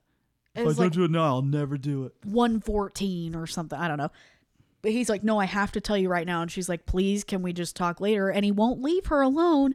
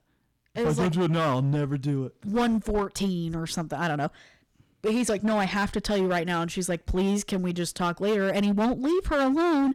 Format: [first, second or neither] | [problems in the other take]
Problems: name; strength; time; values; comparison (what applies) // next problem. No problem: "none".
first | distortion; slight; 14% of the sound clipped